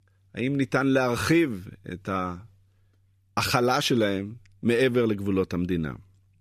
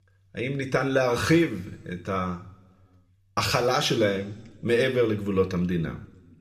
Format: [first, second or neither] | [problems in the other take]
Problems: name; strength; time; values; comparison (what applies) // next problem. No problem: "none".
first | room echo; very slight; dies away in 0.6 s